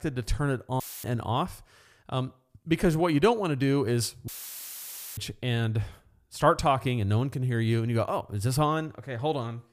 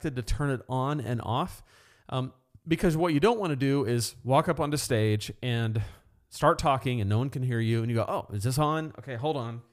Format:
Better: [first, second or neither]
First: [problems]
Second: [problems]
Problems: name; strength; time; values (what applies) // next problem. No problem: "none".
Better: second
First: audio cutting out; filled with static; at 1 s and at 4.5 s for 1 s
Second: none